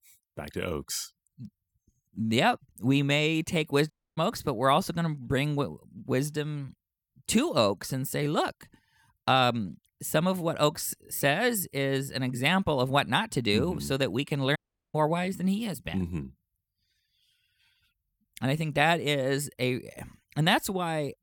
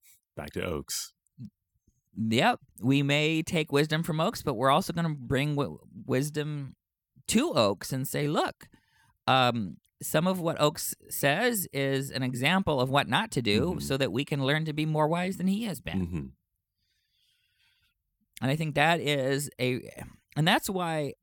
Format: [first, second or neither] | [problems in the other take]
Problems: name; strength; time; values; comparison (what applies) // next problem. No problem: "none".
second | audio cutting out; at 4 s and at 15 s